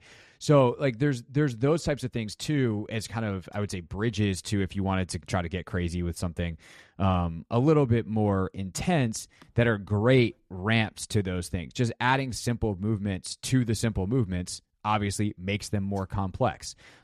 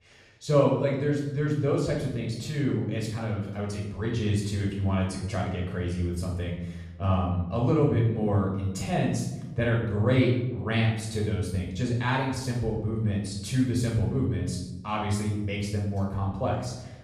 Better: first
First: none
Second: off-mic speech; far // room echo; noticeable; dies away in 0.9 s

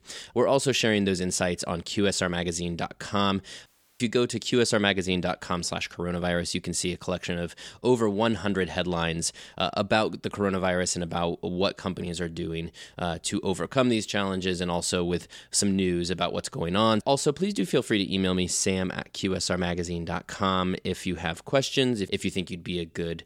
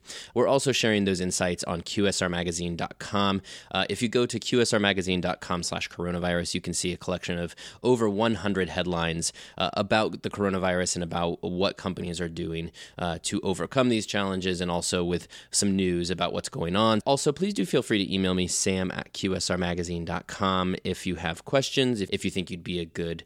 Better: second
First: audio cutting out; at 3.5 s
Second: none

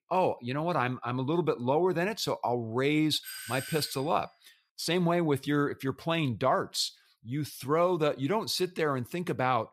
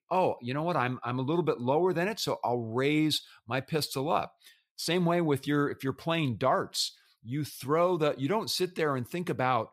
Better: second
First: doorbell; noticeable; at 3 s; peak 9 dB below the speech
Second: none

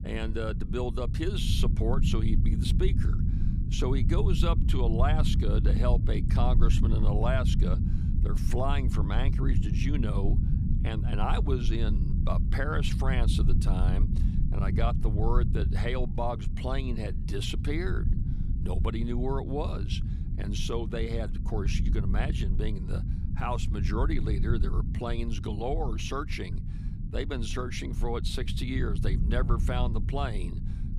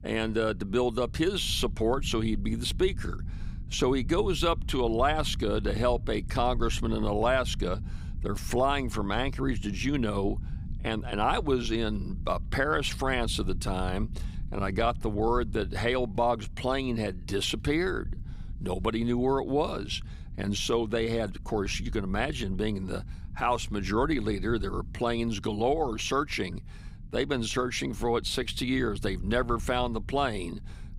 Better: second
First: low rumble; loud; throughout; 7 dB below the speech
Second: low rumble; faint; throughout; 25 dB below the speech

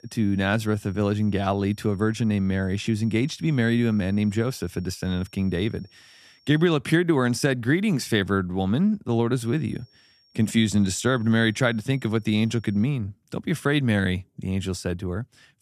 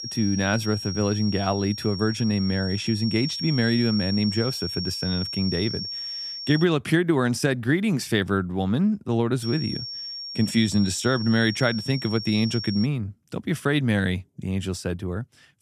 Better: first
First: high-pitched whine; faint; until 6.5 s and from 9.5 to 13 s; 5.5 kHz, 35 dB below the speech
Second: high-pitched whine; loud; until 6.5 s and from 9.5 to 13 s; 5.5 kHz, 7 dB below the speech

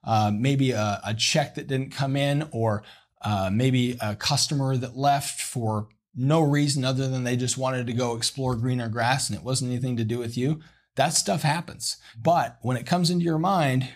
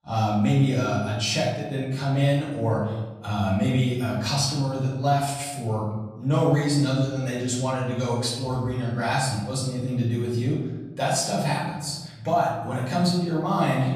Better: first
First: none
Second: room echo; noticeable; dies away in 1 s // off-mic speech; far

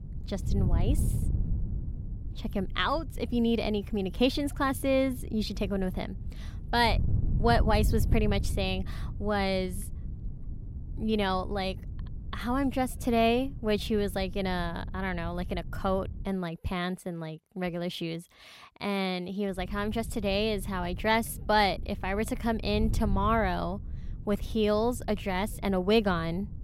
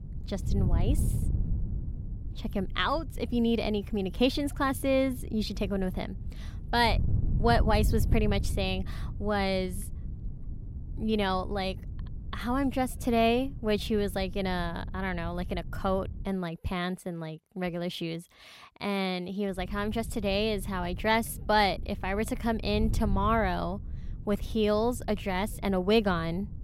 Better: neither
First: wind noise on the microphone; occasional gusts; until 16 s and from 20 s on; 20 dB below the speech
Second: wind noise on the microphone; occasional gusts; until 16 s and from 20 s on; 20 dB below the speech

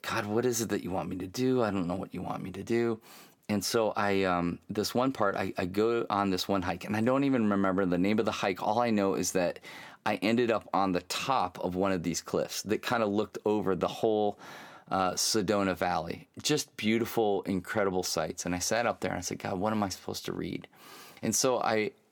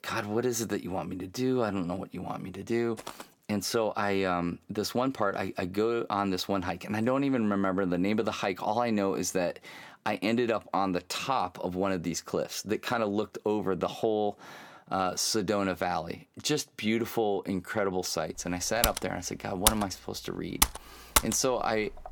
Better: first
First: none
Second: footsteps; faint; at 3 s; peak 15 dB below the speech // keyboard typing; loud; from 19 to 21 s; peak 4 dB above the speech

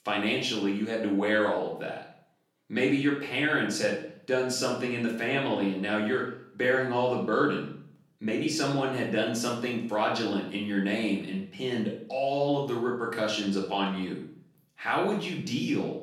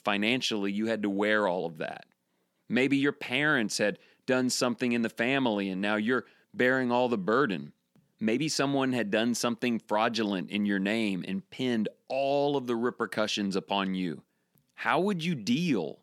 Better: second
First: off-mic speech; far // room echo; noticeable; dies away in 0.5 s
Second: none

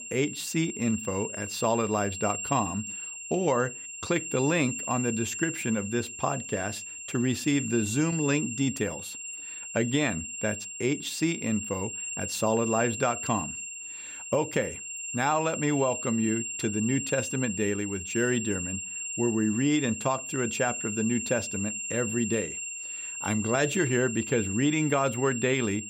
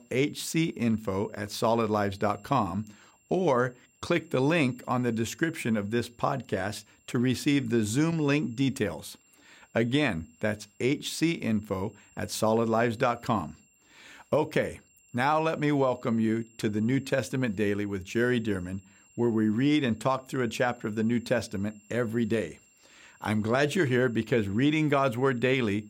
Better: second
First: high-pitched whine; loud; throughout; 7.5 kHz, 5 dB below the speech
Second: high-pitched whine; faint; throughout; 7.5 kHz, 30 dB below the speech

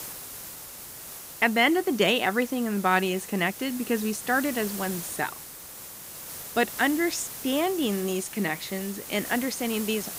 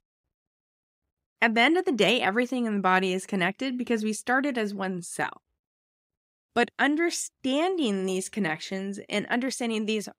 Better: second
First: hiss; noticeable; throughout; 10 dB below the speech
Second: none

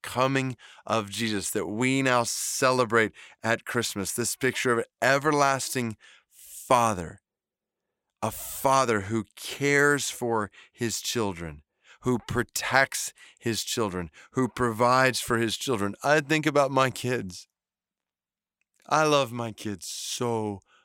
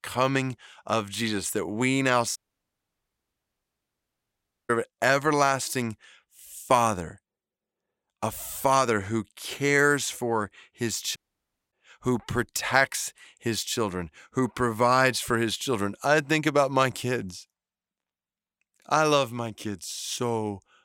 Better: first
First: none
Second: audio cutting out; at 2.5 s for 2.5 s and at 11 s for 0.5 s

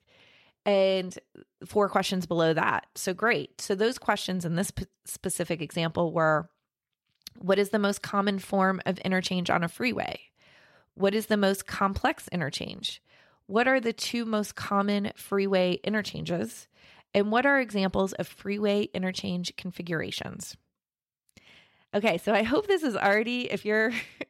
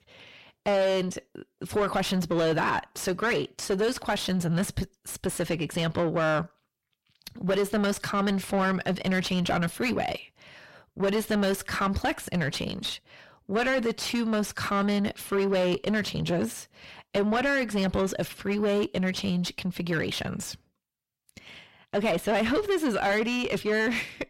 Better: first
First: none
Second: distortion; heavy; 6 dB below the speech

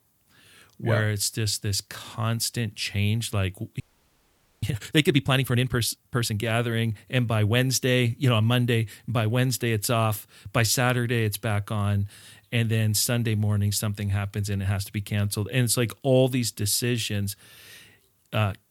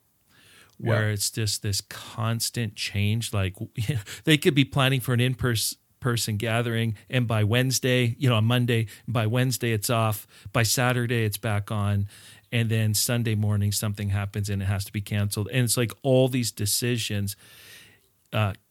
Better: second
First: audio freezing; at 4 s for 1 s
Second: none

